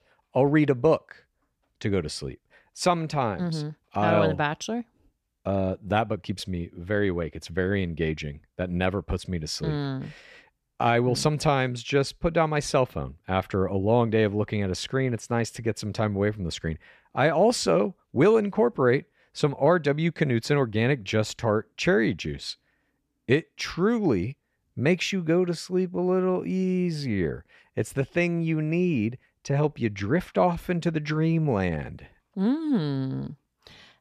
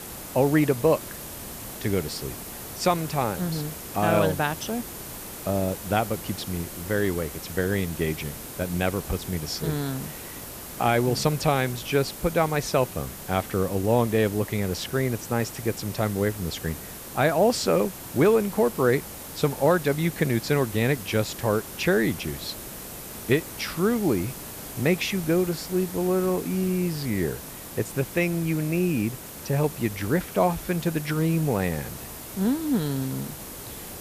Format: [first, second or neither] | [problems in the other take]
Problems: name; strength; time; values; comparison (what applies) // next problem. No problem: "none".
first | hiss; noticeable; throughout; 10 dB below the speech